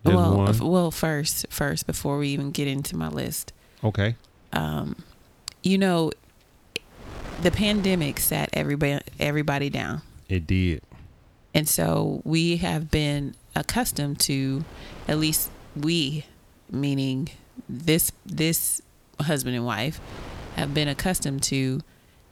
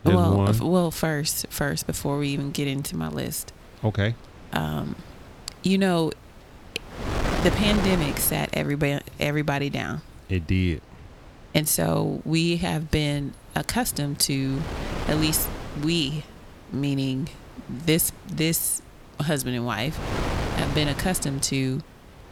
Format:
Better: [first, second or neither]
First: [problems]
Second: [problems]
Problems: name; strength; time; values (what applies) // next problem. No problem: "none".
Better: first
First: wind noise on the microphone; occasional gusts; 15 dB below the speech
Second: wind noise on the microphone; heavy; 6 dB below the speech